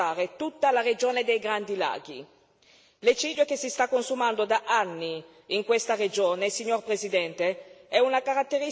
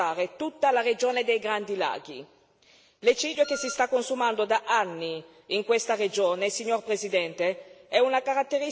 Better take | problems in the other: first | background sound (Wind instrument, woodwind instrument); 14 dB below the speech

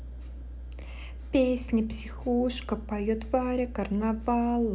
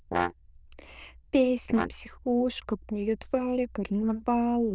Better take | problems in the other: first | noise reduction (neural diffusion model UNIVERSE++)

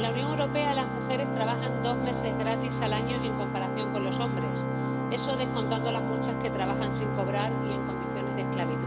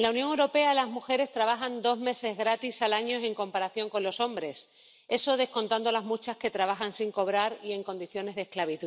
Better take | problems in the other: second | background sound (Organ); 4 dB above the speech

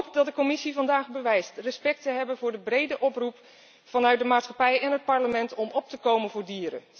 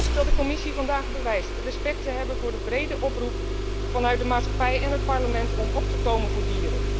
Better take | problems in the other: first | background sound (Engine starting); 3 dB above the speech

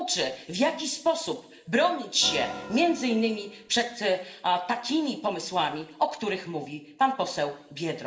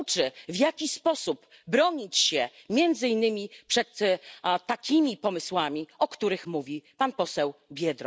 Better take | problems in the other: second | background sound (Organ); 15 dB below the speech // room echo; dies away in 0.8 s

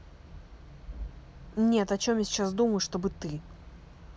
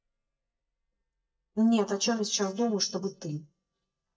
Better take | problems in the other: first | noise reduction (neural mask model DeepFilterNet 3)

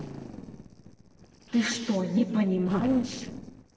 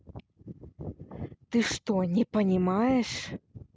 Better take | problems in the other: second | noise reduction (neural separator model SepFormer DNS4)

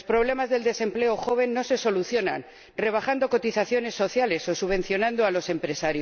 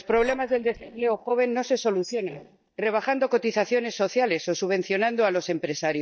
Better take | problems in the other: first | noise reduction (neural mask model DeepFilterNet 3)

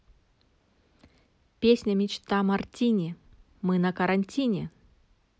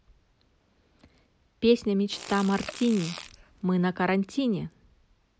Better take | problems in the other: first | background sound (Fart); 15 dB below the speech

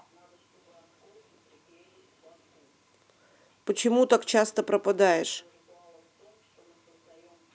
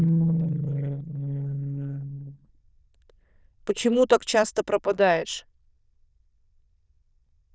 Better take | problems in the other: first | noise reduction (neural diffusion model UNIVERSE++)

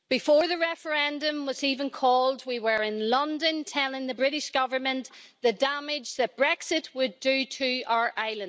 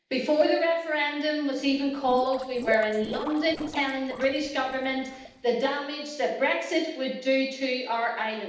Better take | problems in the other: first | noise reduction (neural separator model SepFormer DNS4)

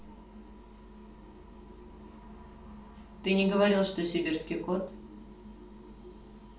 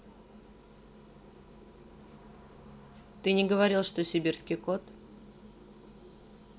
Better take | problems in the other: second | room echo; dies away in 0.3 s

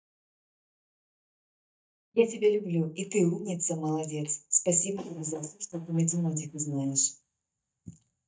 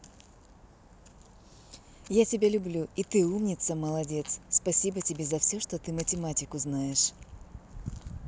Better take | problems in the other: second | noise reduction (neural mask model DeepFilterNet 3)

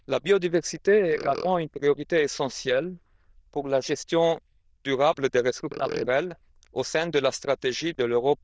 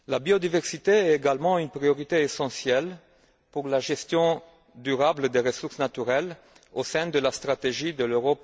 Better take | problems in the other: second | noise reduction (neural diffusion model UNIVERSE++)

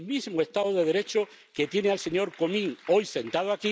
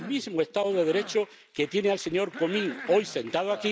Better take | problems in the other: first | background sound (Cough); 17 dB below the speech

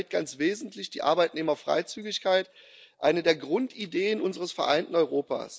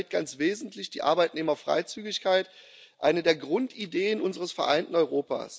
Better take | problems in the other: second | noise reduction (neural mask model Resemble Enhance denoiser)

